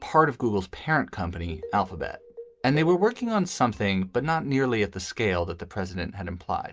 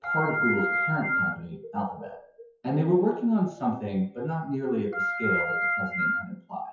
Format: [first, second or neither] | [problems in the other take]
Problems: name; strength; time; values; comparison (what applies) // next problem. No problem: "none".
first | noise reduction (classical method WPE with log-MMSE)